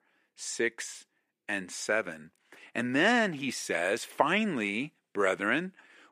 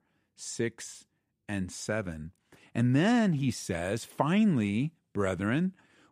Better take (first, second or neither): second